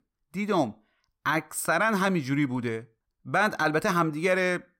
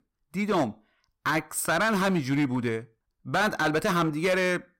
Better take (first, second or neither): first